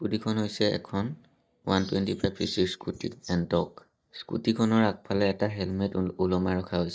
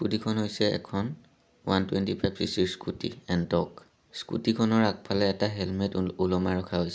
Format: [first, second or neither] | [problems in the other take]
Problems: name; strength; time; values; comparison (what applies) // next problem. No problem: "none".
second | noise reduction (neural mask model DeepFilterNet 3)